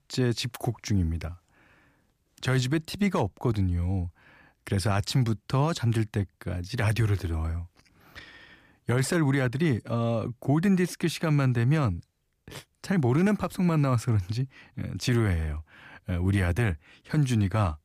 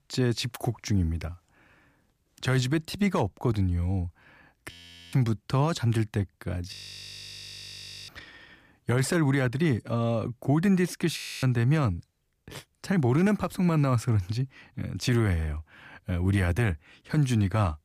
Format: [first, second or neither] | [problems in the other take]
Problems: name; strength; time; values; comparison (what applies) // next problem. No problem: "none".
first | audio freezing; at 4.5 s, at 6.5 s for 1.5 s and at 11 s